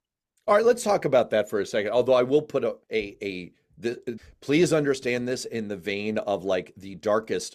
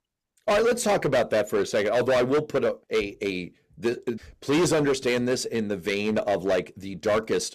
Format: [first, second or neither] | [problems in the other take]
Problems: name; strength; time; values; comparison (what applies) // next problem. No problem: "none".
first | distortion; heavy; 12% of the sound clipped